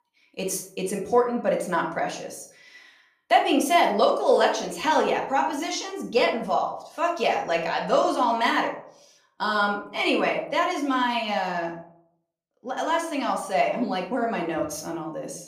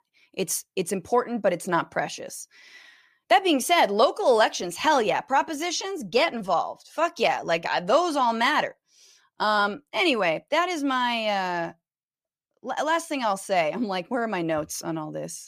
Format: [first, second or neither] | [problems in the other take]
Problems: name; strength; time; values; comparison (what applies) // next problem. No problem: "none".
second | room echo; slight; dies away in 0.4 s // off-mic speech; somewhat distant